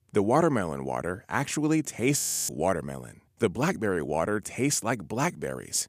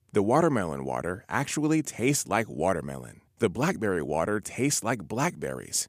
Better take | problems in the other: second | audio freezing; at 2 s

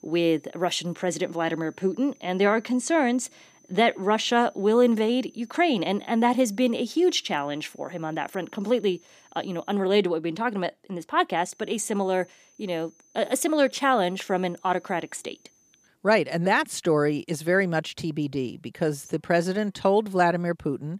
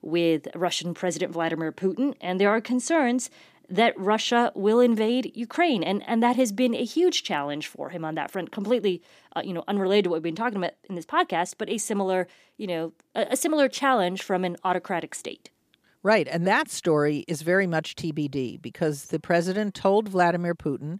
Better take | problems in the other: second | high-pitched whine; faint; until 9.5 s and from 11 to 16 s; 6 kHz, 35 dB below the speech

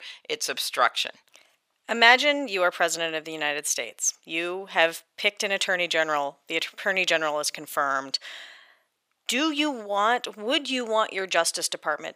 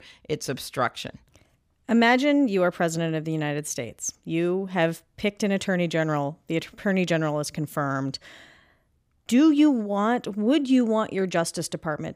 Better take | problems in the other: second | thin; very; fading below 700 Hz

